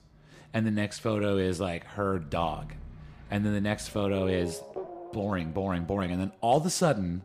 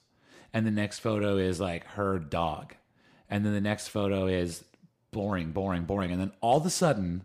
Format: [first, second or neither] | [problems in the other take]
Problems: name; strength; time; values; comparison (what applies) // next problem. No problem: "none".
second | traffic noise; noticeable; throughout; 15 dB below the speech